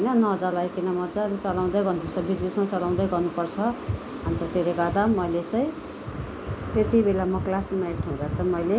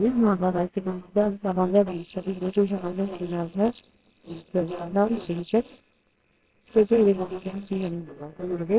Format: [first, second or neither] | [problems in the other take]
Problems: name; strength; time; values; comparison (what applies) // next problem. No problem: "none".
first | noise reduction (neural separator model SepFormer WHAMR!)